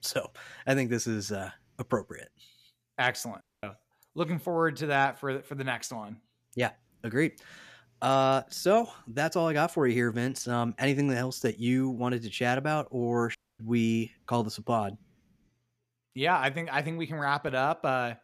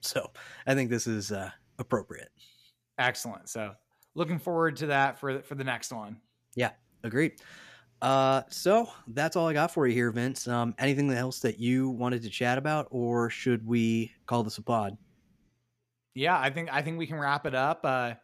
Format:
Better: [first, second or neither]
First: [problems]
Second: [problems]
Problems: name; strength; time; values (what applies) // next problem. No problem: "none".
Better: second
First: audio cutting out; at 3.5 s and at 13 s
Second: none